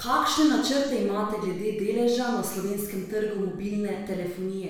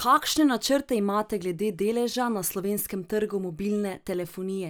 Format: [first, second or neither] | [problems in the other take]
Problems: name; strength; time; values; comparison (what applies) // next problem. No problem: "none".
second | room echo; dies away in 0.9 s